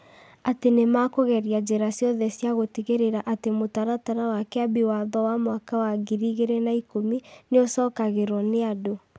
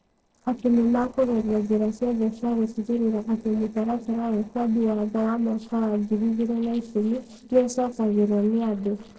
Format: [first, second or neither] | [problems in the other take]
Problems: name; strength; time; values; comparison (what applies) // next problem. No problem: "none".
first | noise reduction (neural separator model SepFormer DNS4)